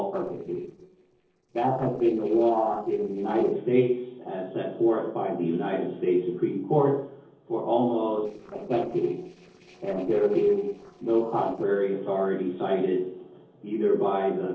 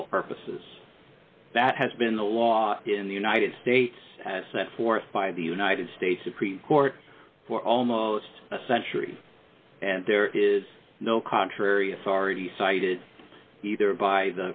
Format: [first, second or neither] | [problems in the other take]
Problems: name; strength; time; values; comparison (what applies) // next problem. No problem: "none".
second | noise reduction (neural separator model SepFormer DNS4)